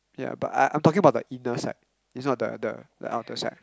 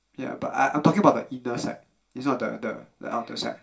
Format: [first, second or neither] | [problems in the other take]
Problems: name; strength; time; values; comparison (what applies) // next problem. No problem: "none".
first | room echo; dies away in 0.2 s